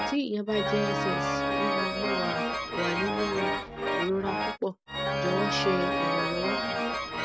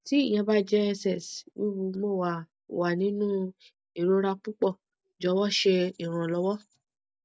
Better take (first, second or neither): second